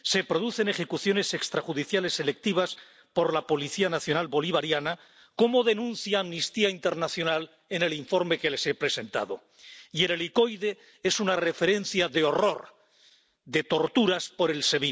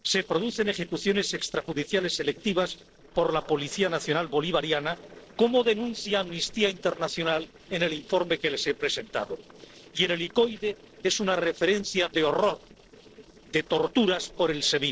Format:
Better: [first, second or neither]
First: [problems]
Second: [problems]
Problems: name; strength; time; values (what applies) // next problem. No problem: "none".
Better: first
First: none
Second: noise reduction (neural separator model SepFormer DNS4)